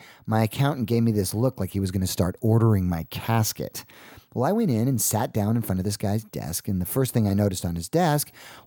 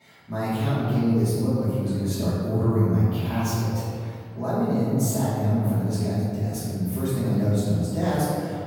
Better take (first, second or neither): first